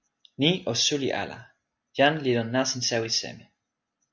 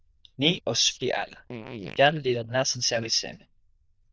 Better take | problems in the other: first | noise reduction (neural diffusion model UNIVERSE++)

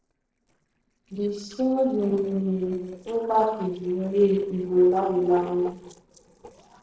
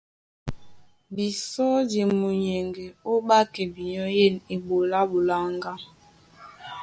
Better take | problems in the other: second | noise reduction (neural separator model SepFormer DNS4)

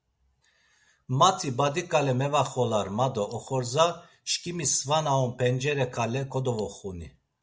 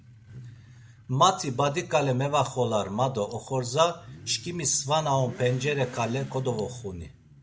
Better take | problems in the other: first | background sound (Motorcycle / Accelerating, revving, vroom); 18 dB below the speech

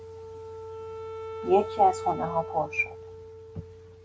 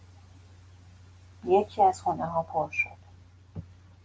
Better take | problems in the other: second | background sound (Wind instrument, woodwind instrument); 10 dB below the speech

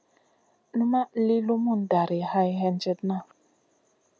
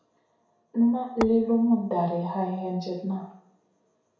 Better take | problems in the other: first | background sound (Tap / Hammer); 6 dB below the speech // room echo; dies away in 0.6 s

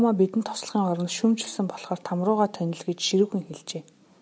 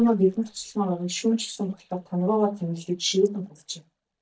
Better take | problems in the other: first | noise reduction (neural mask model DeepFilterNet 3)

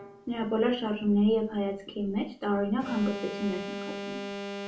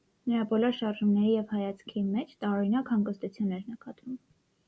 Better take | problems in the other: second | background sound (Alarm); 11 dB below the speech // room echo; dies away in 0.3 s

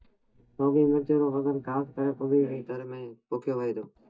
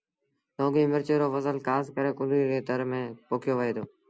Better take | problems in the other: second | noise reduction (neural mask model DeepFilterNet 3)

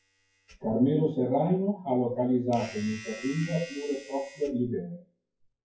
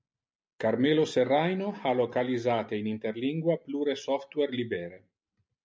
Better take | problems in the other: second | noise reduction (classical method WPE with log-MMSE)

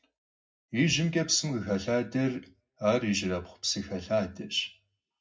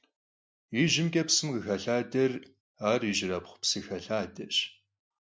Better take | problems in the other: second | room echo; dies away in 0.4 s

